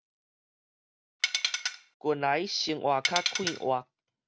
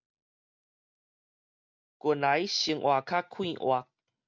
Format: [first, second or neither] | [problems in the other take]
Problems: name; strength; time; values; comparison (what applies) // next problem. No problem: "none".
second | background sound (Tools); 1 dB above the speech